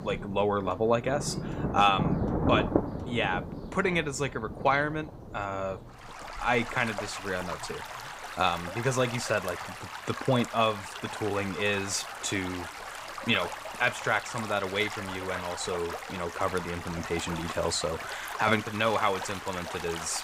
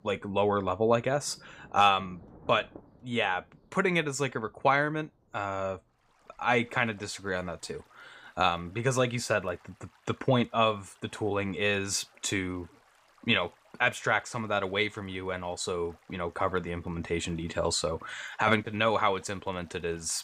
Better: second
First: rain or running water; loud; throughout; 7 dB below the speech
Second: rain or running water; faint; throughout; 30 dB below the speech

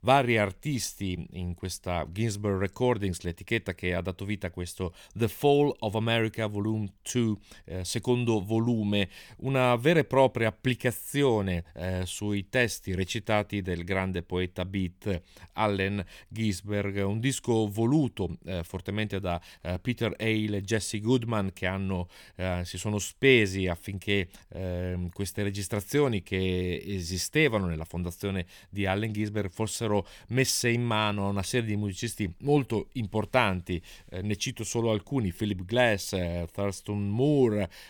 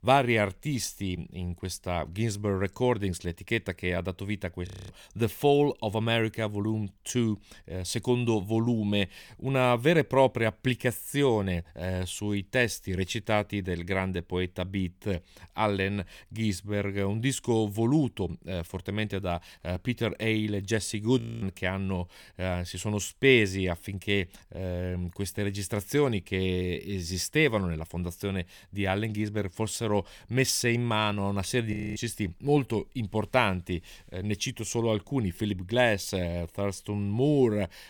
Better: first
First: none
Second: audio freezing; at 4.5 s, at 21 s and at 32 s

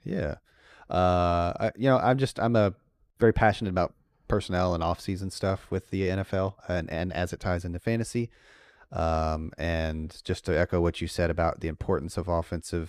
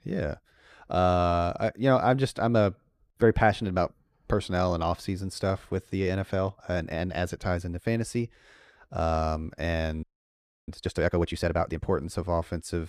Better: first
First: none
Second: audio freezing; at 10 s for 0.5 s

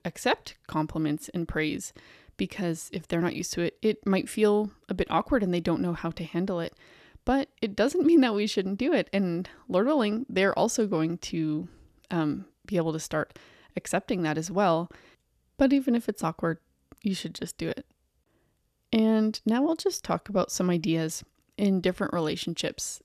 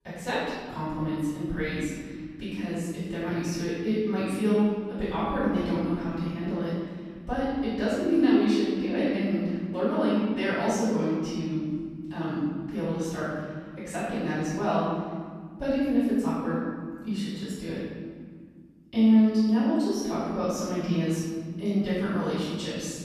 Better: first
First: none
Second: off-mic speech; far // room echo; strong; dies away in 2 s

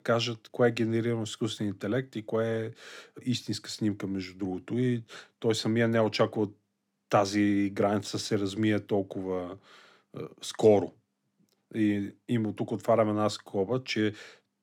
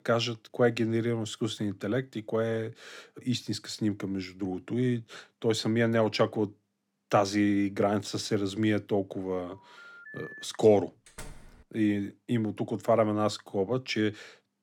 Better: first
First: none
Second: phone ringing; faint; at 9.5 s; peak 15 dB below the speech // door banging; faint; at 11 s; peak 15 dB below the speech

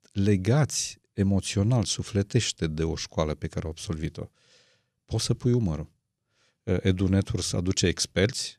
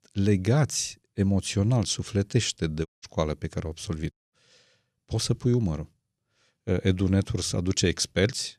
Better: first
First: none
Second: audio cutting out; at 3 s and at 4 s

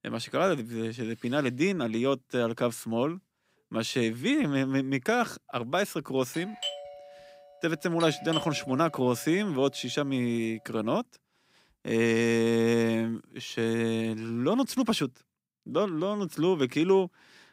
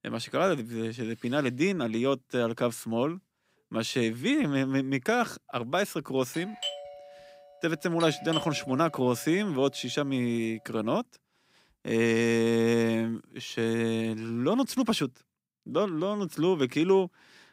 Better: neither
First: doorbell; noticeable; from 6.5 to 9 s; peak 6 dB below the speech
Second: doorbell; noticeable; from 6.5 to 9 s; peak 6 dB below the speech

